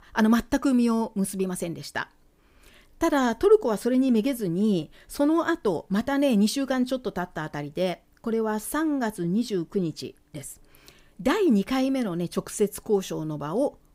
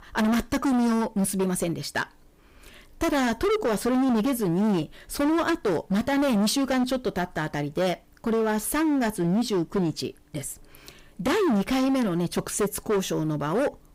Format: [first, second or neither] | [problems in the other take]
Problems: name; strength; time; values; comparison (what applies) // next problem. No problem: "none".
first | distortion; heavy; 22% of the sound clipped